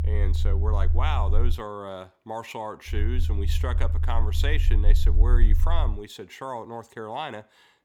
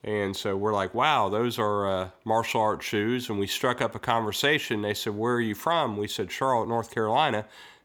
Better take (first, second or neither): second